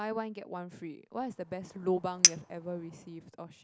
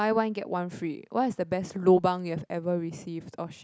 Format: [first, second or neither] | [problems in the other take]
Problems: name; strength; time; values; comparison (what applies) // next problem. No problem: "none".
second | background sound (Chink, clink); 5 dB above the speech